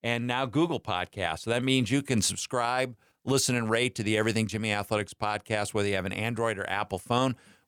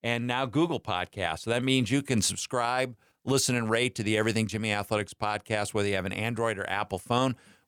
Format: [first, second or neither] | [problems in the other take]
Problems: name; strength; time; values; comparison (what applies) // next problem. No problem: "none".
neither | none